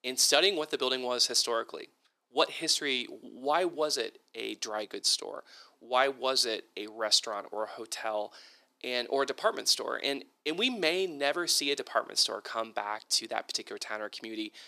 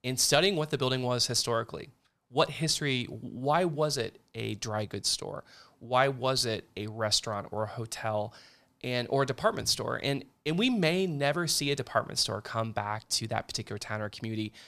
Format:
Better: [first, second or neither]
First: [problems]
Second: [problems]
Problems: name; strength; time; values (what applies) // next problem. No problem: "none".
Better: second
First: thin; somewhat; fading below 300 Hz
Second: none